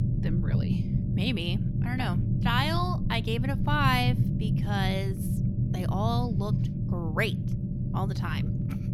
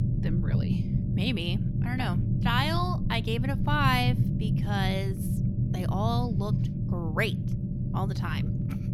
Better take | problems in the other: neither | low rumble; loud; throughout; 8 dB below the speech; the same in both

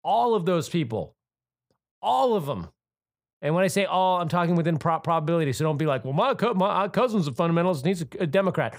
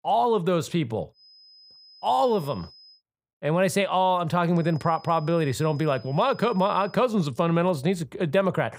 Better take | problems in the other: first | high-pitched whine; faint; from 1 to 3 s and from 4.5 to 7 s; 5 kHz, 25 dB below the speech

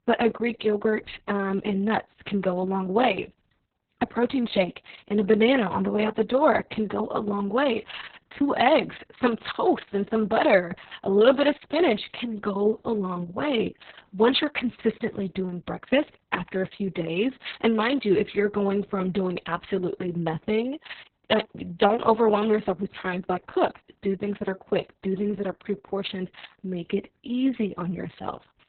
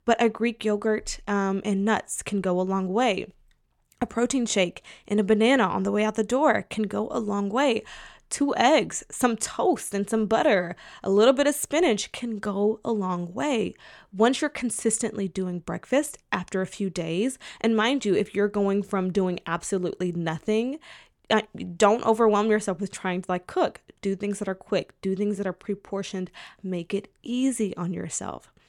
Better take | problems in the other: second | garbled, watery; badly; nothing above 4 kHz

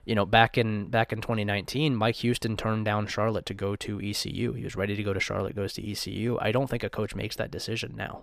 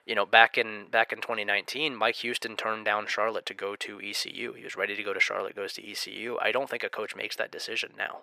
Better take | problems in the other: first | thin; very; fading below 500 Hz

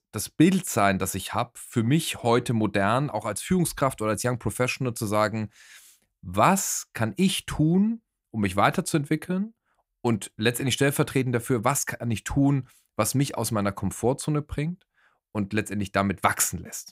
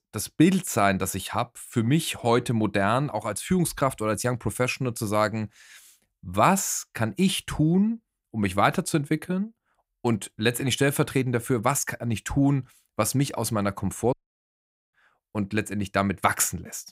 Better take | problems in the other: first | audio cutting out; at 14 s for 1 s

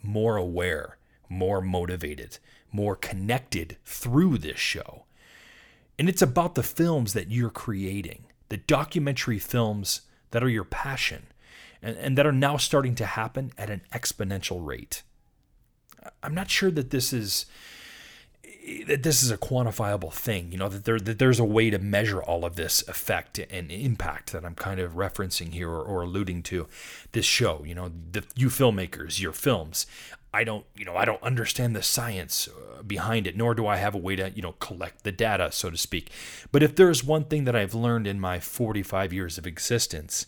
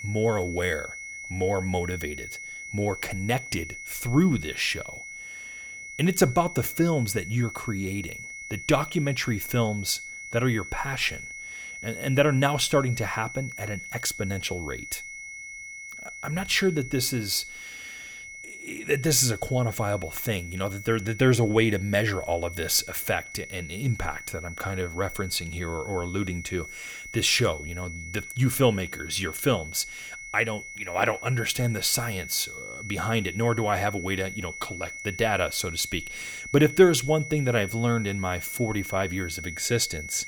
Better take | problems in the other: first | high-pitched whine; noticeable; throughout; 2 kHz, 10 dB below the speech

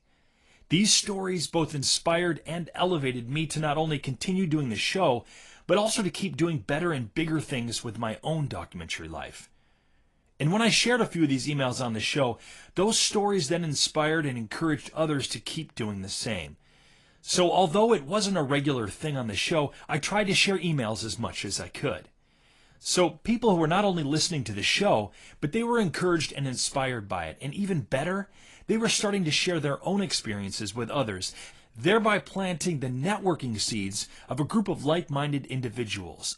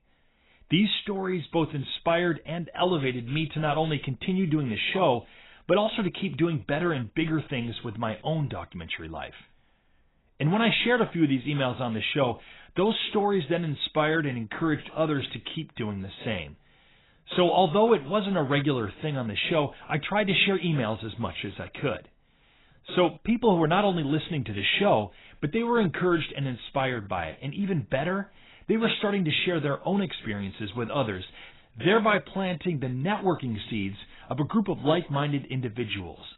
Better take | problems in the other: first | garbled, watery; badly; nothing above 4 kHz; slightly in the first

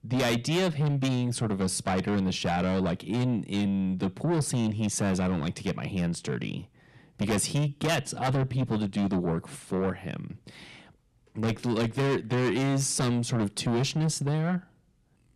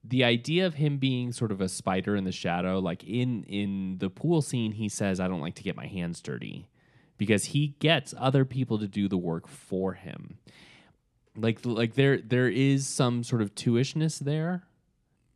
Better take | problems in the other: second | distortion; heavy; 6 dB below the speech

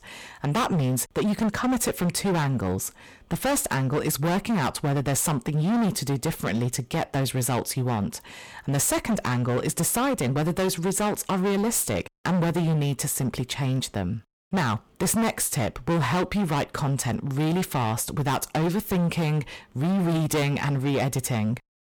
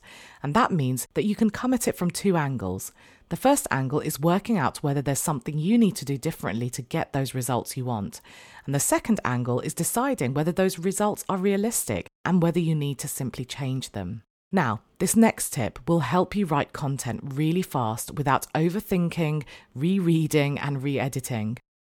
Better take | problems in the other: second | distortion; heavy; 23% of the sound clipped

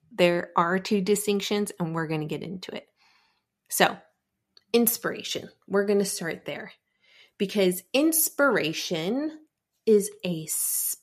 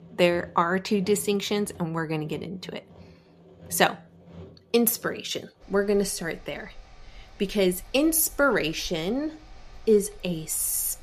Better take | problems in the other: first | machinery noise; faint; throughout; 25 dB below the speech

